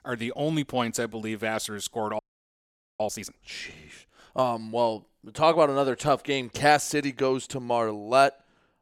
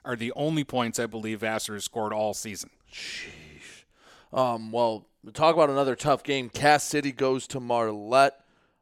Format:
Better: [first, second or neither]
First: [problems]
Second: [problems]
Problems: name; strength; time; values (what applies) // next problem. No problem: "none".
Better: second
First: audio freezing; at 2 s for 1 s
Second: none